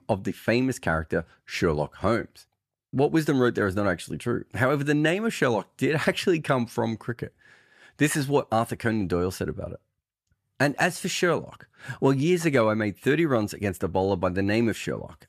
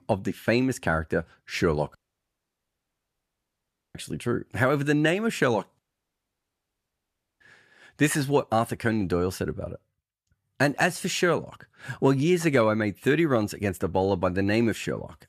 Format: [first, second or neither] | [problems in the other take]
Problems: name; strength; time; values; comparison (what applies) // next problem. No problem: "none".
first | audio cutting out; at 2 s for 2 s and at 6 s for 1.5 s